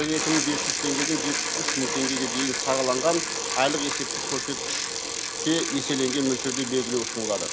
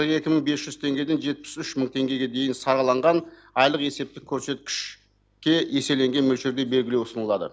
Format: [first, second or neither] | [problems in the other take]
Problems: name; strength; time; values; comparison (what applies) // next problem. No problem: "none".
second | background sound (Bicycle); 1 dB below the speech